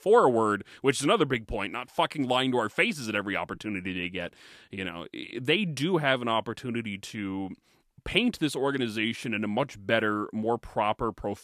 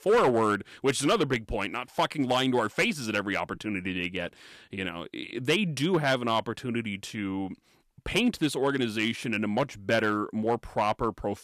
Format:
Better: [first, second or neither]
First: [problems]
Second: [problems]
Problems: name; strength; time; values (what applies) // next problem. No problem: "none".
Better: first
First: none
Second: distortion; slight; 3% of the sound clipped